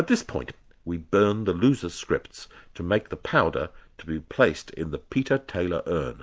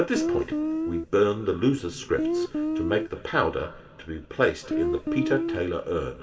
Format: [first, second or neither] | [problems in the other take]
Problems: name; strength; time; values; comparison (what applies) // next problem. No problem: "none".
first | background sound (Guitar); as loud as the speech // room echo; dies away in 2.4 s